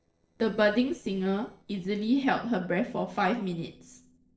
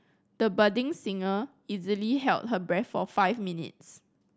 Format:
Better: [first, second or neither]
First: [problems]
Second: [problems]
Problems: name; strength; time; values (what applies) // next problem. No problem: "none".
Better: second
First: noise reduction (neural separator model SepFormer DNS4)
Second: none